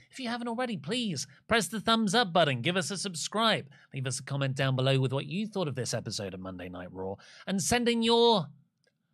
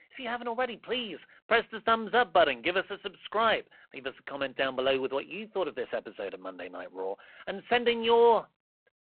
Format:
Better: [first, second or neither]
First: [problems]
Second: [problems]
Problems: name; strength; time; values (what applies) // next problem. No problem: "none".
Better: first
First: none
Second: phone-call audio; poor line